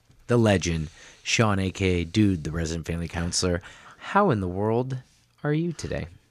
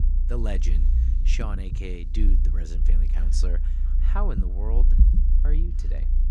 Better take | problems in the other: first | low rumble; loud; throughout; 6 dB below the speech

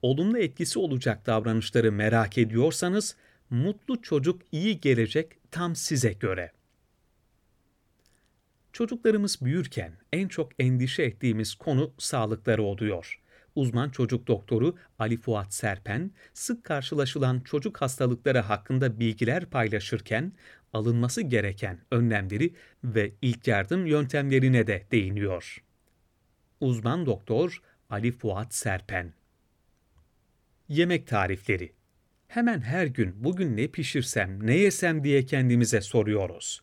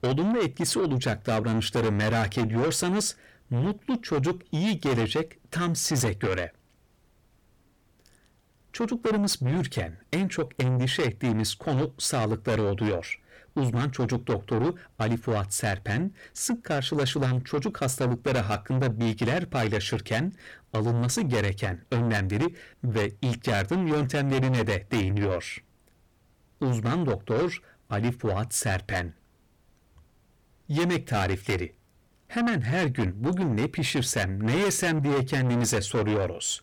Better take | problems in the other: first | distortion; heavy; 7 dB below the speech

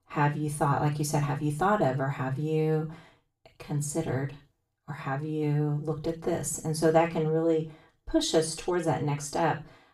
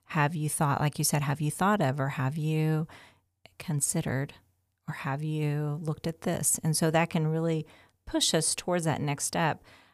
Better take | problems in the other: second | room echo; slight; dies away in 0.3 s // off-mic speech; far

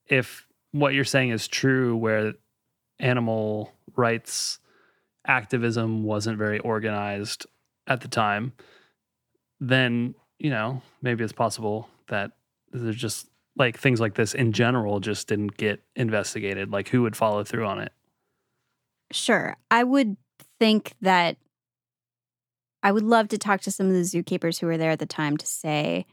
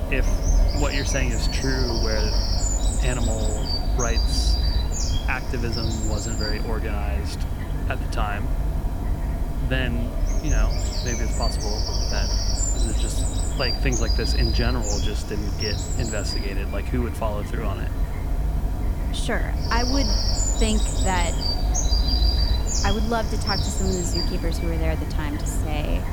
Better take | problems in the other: first | animal sounds; very loud; throughout; 5 dB above the speech

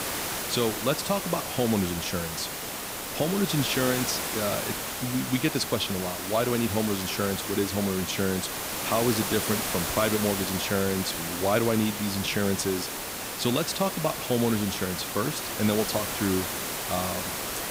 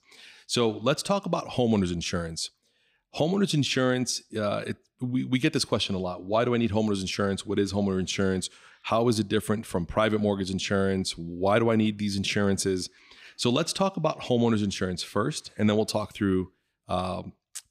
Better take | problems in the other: second | hiss; loud; throughout; 2 dB below the speech

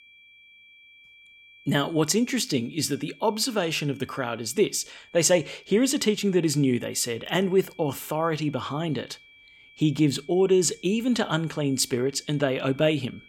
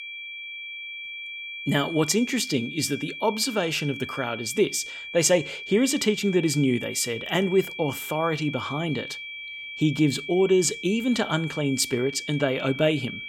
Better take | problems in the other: first | high-pitched whine; loud; throughout; 2.5 kHz, 10 dB below the speech; faint in the first

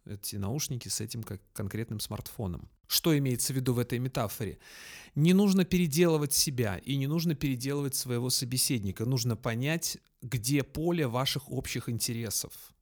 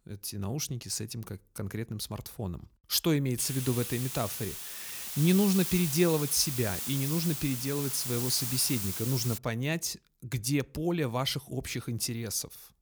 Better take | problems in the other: first | hiss; loud; from 3.5 to 9.5 s; 4 dB below the speech

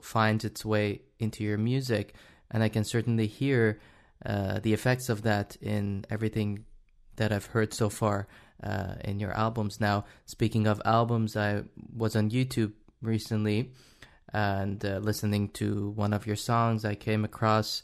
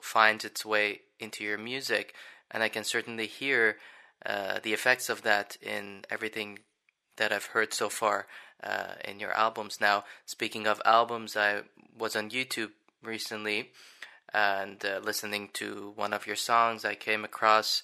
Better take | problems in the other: first | thin; very; fading below 600 Hz

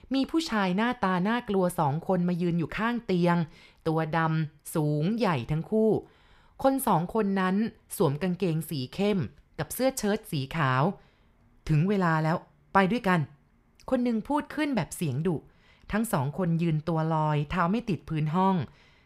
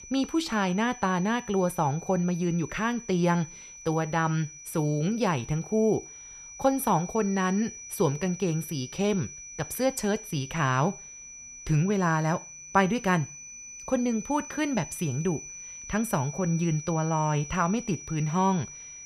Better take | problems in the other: first | high-pitched whine; noticeable; throughout; 6 kHz, 15 dB below the speech

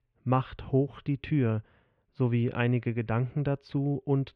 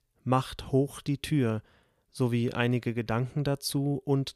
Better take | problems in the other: second | muffled; very; fading above 2.5 kHz

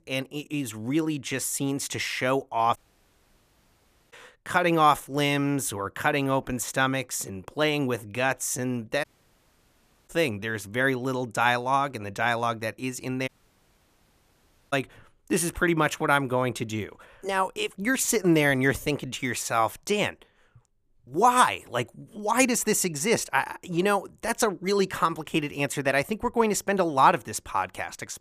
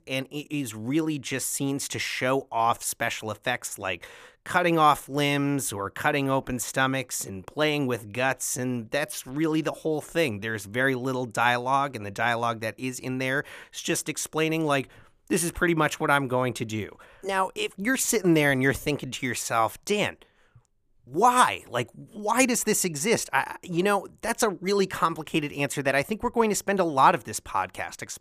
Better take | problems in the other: second | audio cutting out; at 3 s for 1.5 s, at 9 s for 1 s and at 13 s for 1.5 s

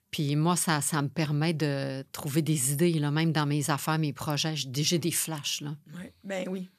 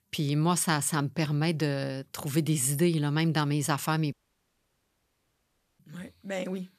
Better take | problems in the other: first | audio cutting out; at 4 s for 1.5 s

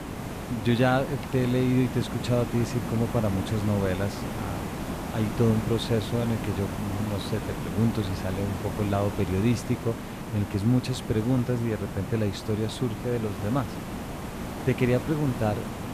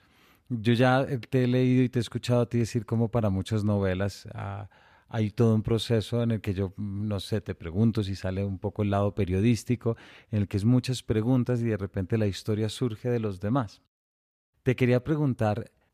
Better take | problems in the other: second | hiss; loud; throughout; 7 dB below the speech

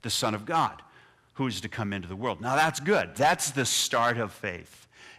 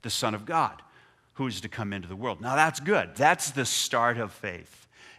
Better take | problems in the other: second | distortion; slight; 2% of the sound clipped

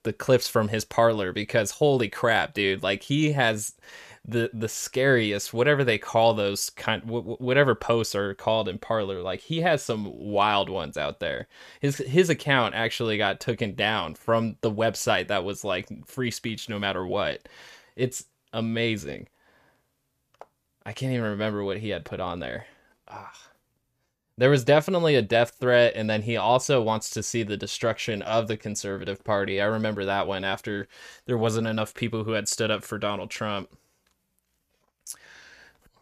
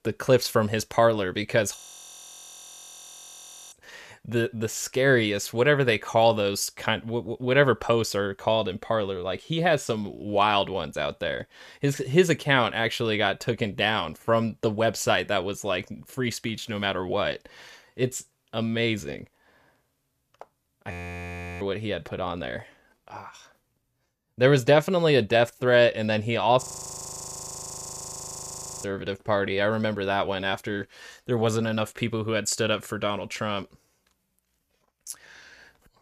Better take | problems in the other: first | audio freezing; at 2 s for 2 s, at 21 s for 0.5 s and at 27 s for 2 s

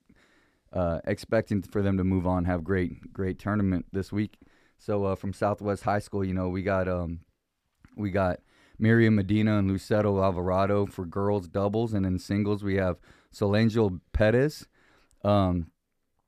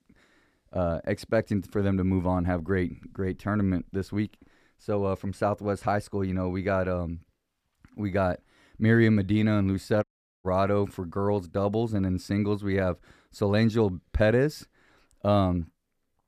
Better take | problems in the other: first | audio cutting out; at 10 s

